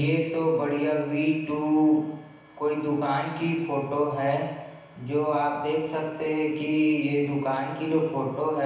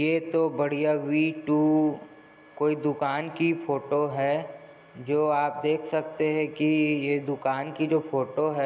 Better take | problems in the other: second | room echo; dies away in 1.1 s

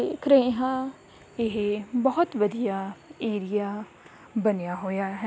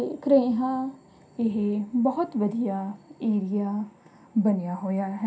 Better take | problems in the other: first | room echo; dies away in 0.3 s

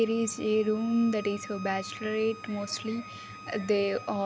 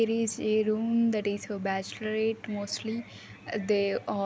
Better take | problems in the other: second | background sound (Bowed string instrument); 16 dB below the speech

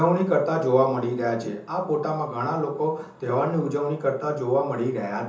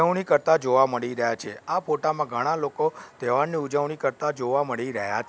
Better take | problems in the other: second | room echo; dies away in 0.6 s

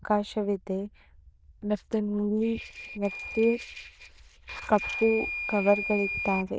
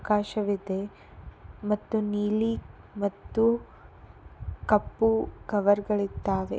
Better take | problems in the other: second | noise reduction (neural diffusion model UNIVERSE++)

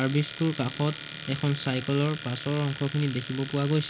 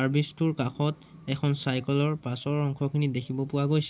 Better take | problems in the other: second | background sound (Domestic sounds, home sounds); 13 dB below the speech

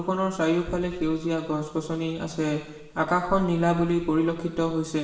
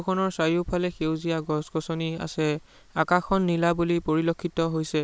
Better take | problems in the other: second | room echo; dies away in 1 s

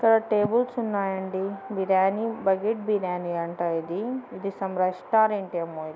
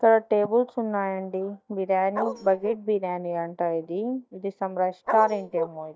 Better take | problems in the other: first | noise reduction (neural mask model DeepFilterNet 3)

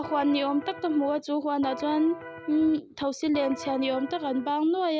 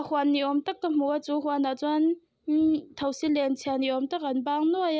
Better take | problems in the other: second | background sound (Electric guitar); 13 dB below the speech

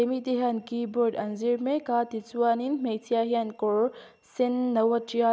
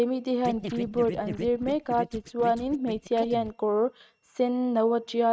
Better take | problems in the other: first | noise reduction (neural mask model RNNoise)

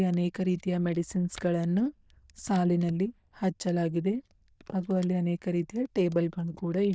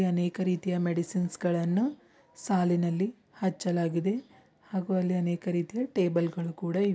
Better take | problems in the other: second | noise reduction (neural diffusion model UNIVERSE++)

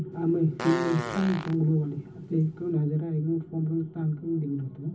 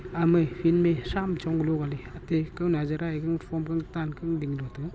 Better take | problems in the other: second | background sound (Fart); 11 dB below the speech // room echo; dies away in 0.3 s

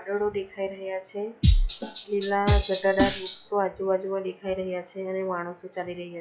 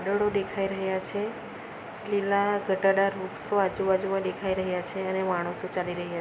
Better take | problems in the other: second | noise reduction (classical method log-MMSE)

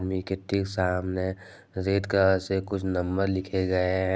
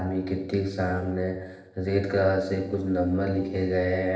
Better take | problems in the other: first | noise reduction (neural separator model SepFormer DNS4)

